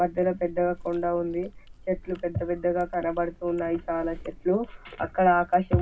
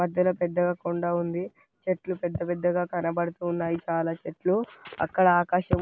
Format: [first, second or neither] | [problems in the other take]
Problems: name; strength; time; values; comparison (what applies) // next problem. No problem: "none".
second | background sound (Chewing, mastication); 19 dB below the speech // room echo; dies away in 0.4 s